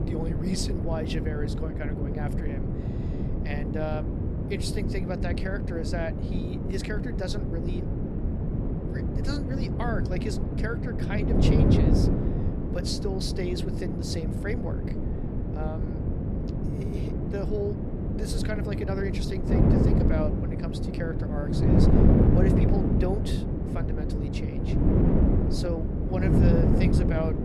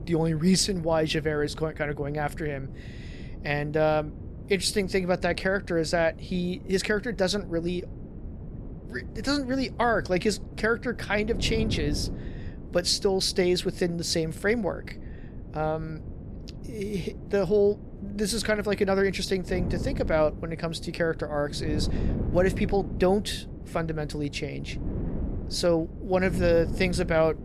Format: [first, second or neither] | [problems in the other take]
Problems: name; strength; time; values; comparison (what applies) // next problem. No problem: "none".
second | wind noise on the microphone; heavy; 2 dB above the speech; occasional gusts in the second